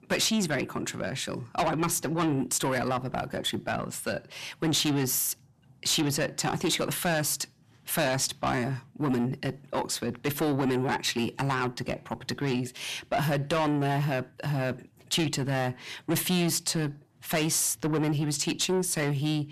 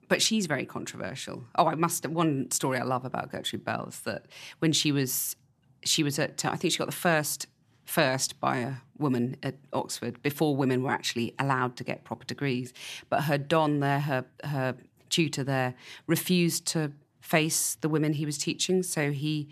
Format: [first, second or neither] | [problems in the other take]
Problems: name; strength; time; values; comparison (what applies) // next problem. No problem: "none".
second | distortion; heavy; 7 dB below the speech